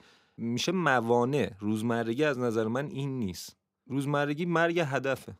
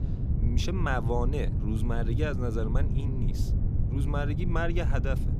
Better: first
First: none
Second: low rumble; loud; throughout; 8 dB below the speech

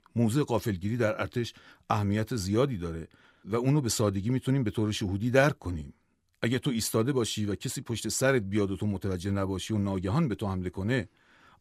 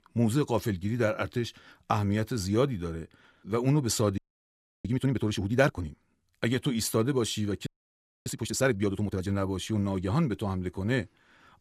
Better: first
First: none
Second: audio freezing; at 4 s for 0.5 s and at 7.5 s for 0.5 s

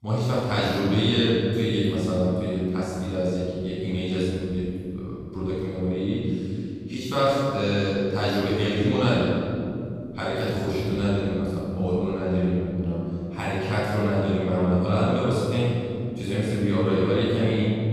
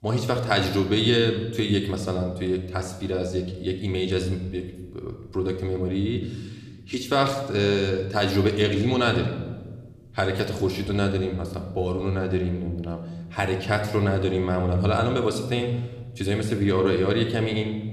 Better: second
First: room echo; strong; dies away in 2.7 s // off-mic speech; far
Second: room echo; slight; dies away in 1 s

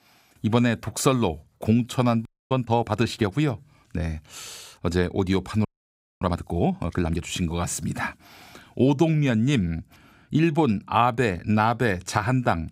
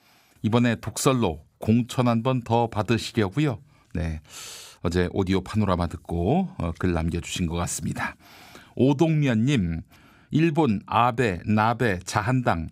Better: second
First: audio freezing; at 2.5 s and at 5.5 s for 0.5 s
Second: none

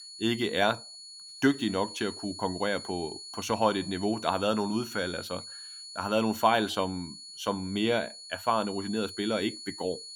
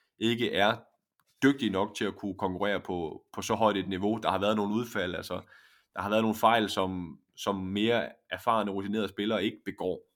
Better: second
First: high-pitched whine; noticeable; throughout; 4.5 kHz, 10 dB below the speech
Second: none

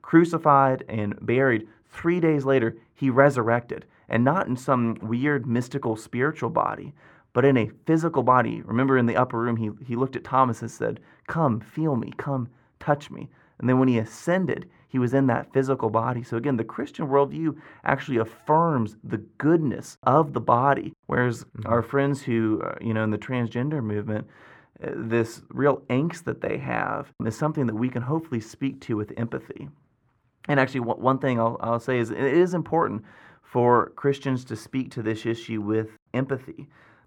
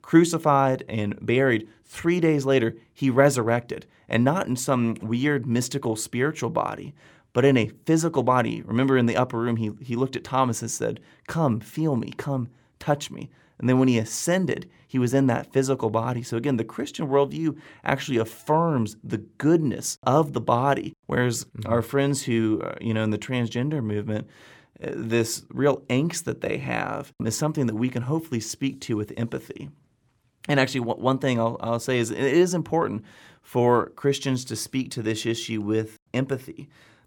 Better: second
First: muffled; very; fading above 3 kHz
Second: none

